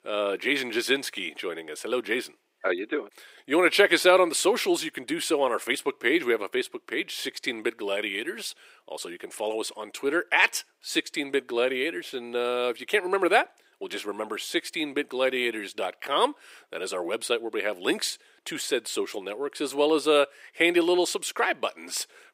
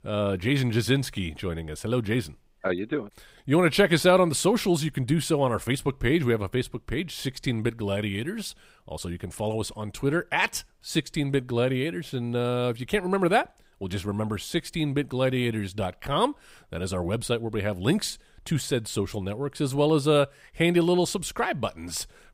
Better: second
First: thin; somewhat; fading below 350 Hz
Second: none

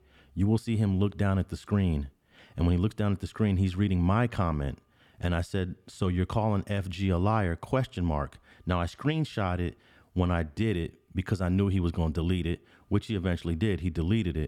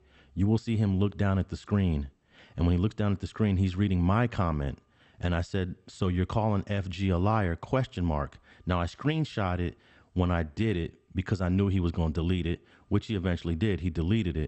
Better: first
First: none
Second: garbled, watery; slightly

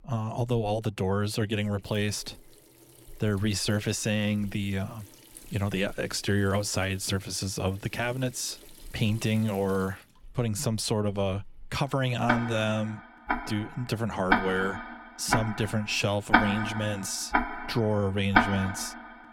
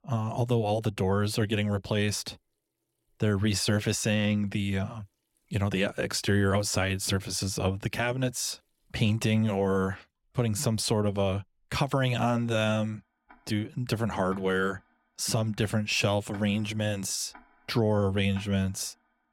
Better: second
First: household noises; loud; throughout; 1 dB below the speech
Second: household noises; faint; throughout; 30 dB below the speech

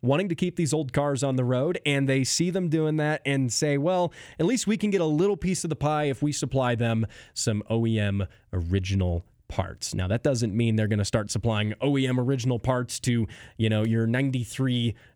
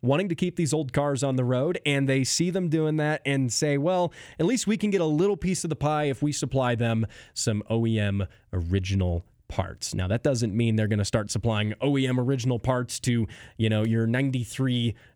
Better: neither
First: none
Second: none

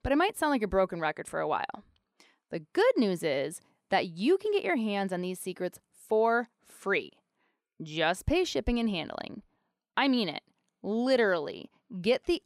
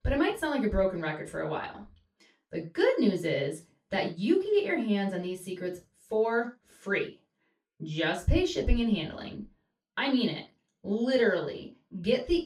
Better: first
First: none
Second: room echo; slight; dies away in 0.2 s // off-mic speech; far

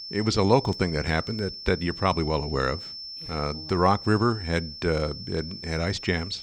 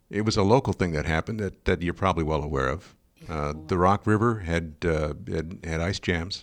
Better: second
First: high-pitched whine; noticeable; throughout; 5.5 kHz, 10 dB below the speech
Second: none

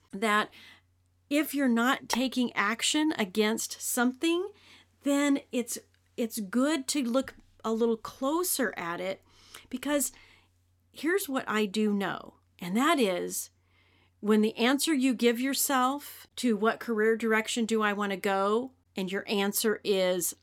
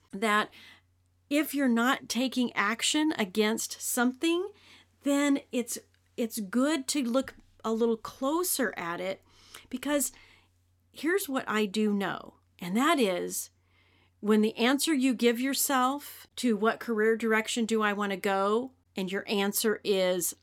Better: second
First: phone ringing; very faint; at 2 s; peak 9 dB below the speech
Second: none

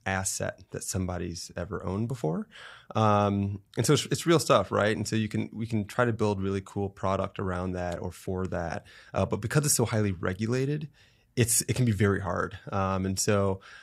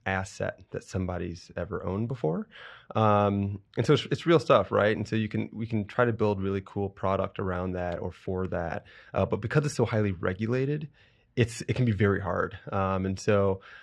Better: first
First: none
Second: muffled; slightly; fading above 3 kHz

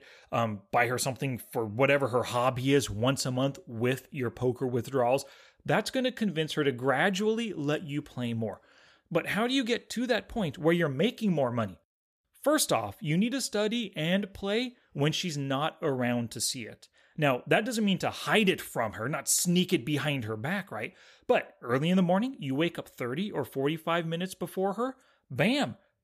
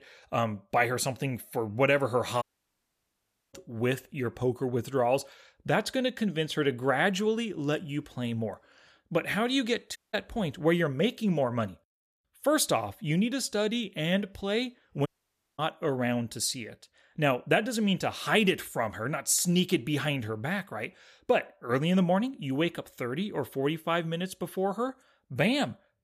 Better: first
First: none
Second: audio cutting out; at 2.5 s for 1 s, at 10 s and at 15 s for 0.5 s

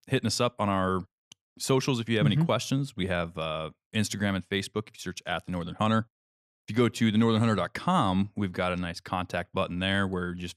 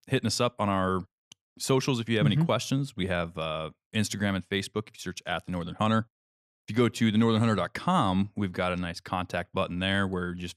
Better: neither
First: none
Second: none

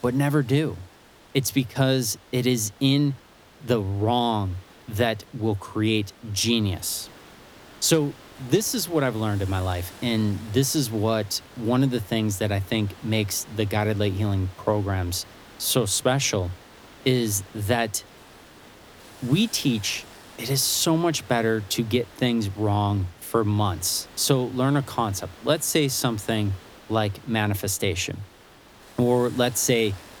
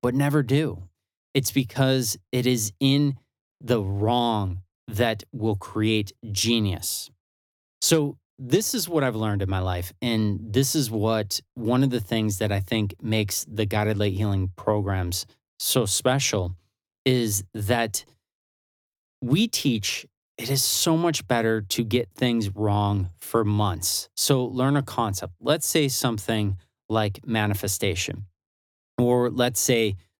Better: second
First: hiss; faint; throughout; 20 dB below the speech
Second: none

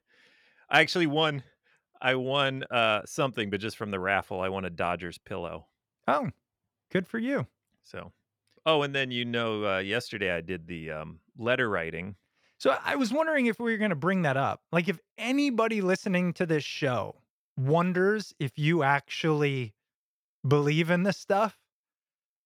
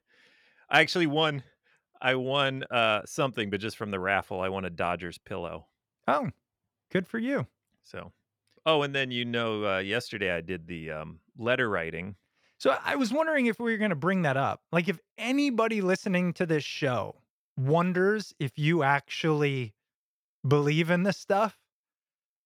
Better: neither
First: none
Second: none

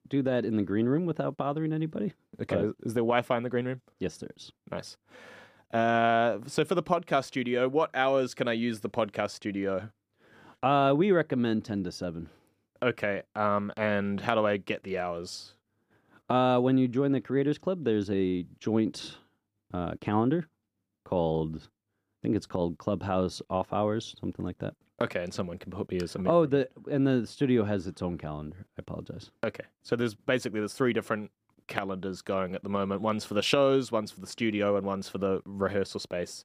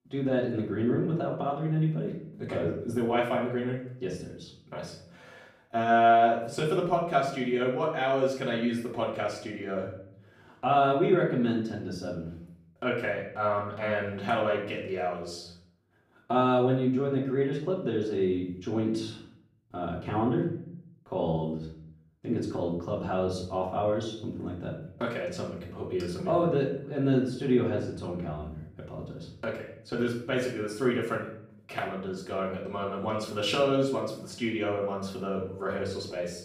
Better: first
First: none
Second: off-mic speech; far // room echo; noticeable; dies away in 0.6 s

